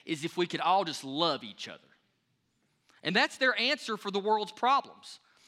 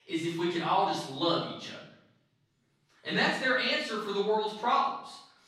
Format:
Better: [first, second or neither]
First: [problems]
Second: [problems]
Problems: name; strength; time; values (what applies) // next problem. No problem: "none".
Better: first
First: none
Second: room echo; noticeable; dies away in 0.7 s // off-mic speech; far